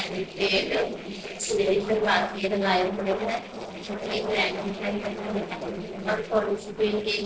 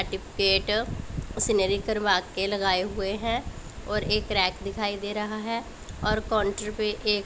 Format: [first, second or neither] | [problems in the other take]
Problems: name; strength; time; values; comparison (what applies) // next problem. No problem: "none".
second | noise reduction (neural separator model SepFormer DNS4)